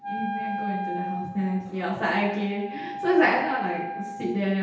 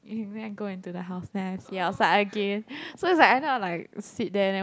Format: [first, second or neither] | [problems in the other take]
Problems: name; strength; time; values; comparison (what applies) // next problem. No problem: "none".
second | background sound (Wind instrument, woodwind instrument); 7 dB below the speech // room echo; dies away in 0.9 s